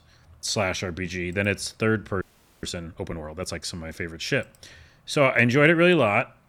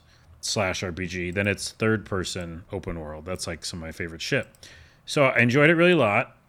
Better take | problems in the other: second | audio freezing; at 2 s

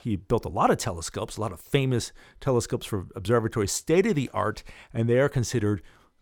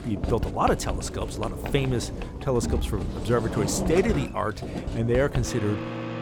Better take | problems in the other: first | household noises; loud; throughout; 5 dB below the speech

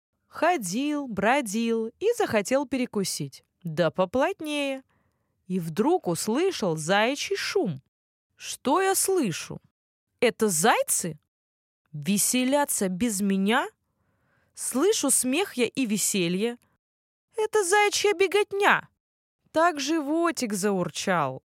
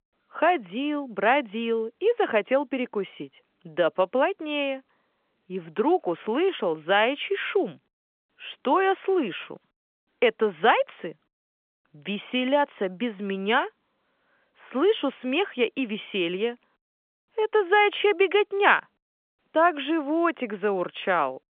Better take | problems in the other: first | phone-call audio; nothing above 3.5 kHz

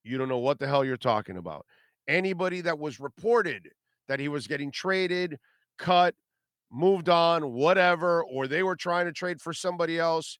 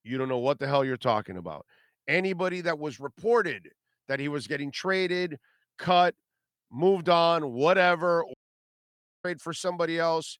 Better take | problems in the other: first | audio cutting out; at 8.5 s for 1 s

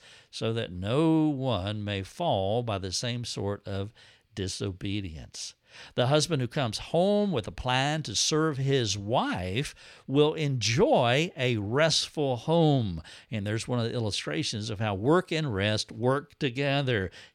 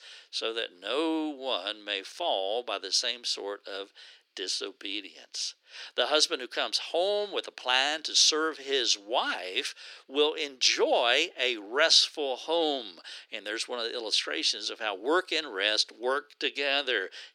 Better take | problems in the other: first | thin; very; fading below 350 Hz

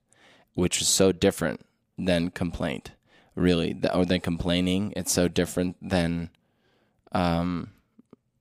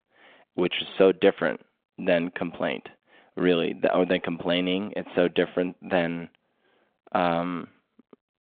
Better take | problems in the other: first | phone-call audio

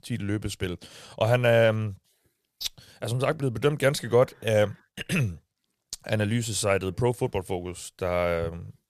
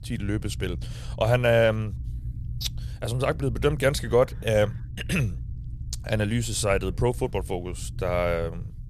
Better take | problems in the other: first | low rumble; faint; throughout; 25 dB below the speech

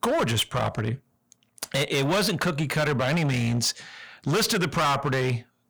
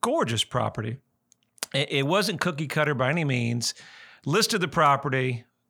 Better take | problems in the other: second | distortion; heavy; 16% of the sound clipped

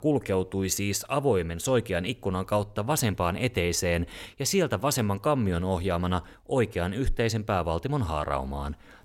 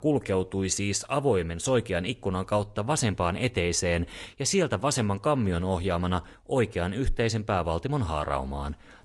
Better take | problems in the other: first | garbled, watery; slightly; nothing above 11 kHz

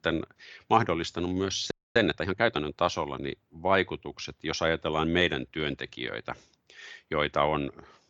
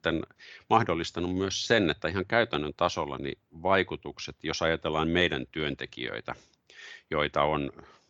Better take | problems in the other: second | audio freezing; at 1.5 s

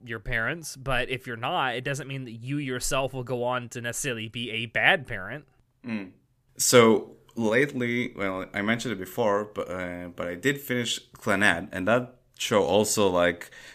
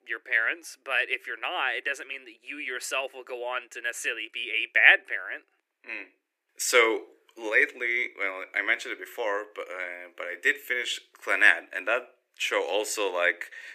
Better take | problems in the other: first | thin; very; fading below 300 Hz

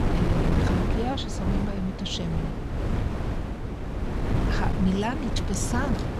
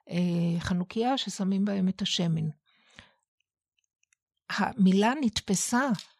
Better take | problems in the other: second | wind noise on the microphone; heavy; 1 dB below the speech

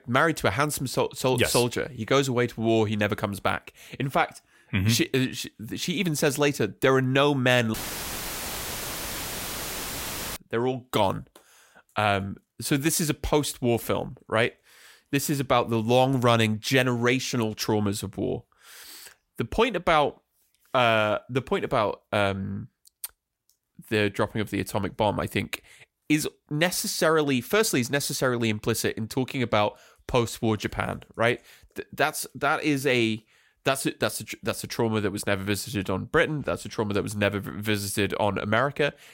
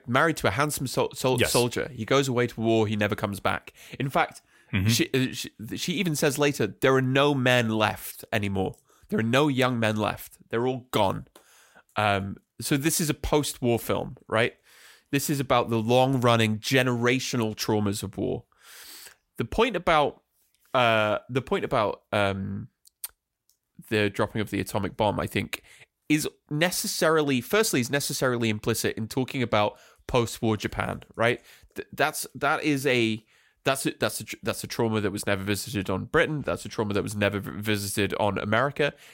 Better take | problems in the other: second | audio cutting out; filled with static; at 7.5 s for 2.5 s

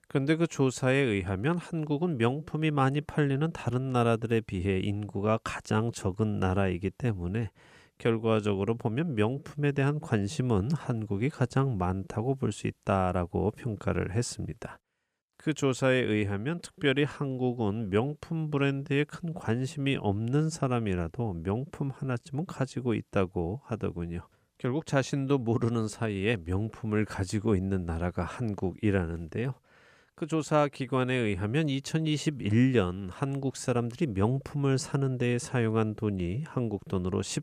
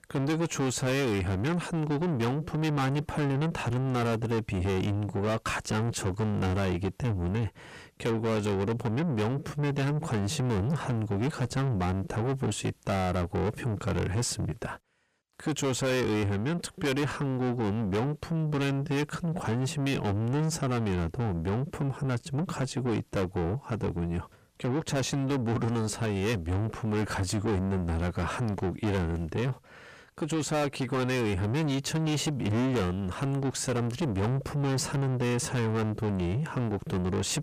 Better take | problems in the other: first | distortion; heavy; 6 dB below the speech

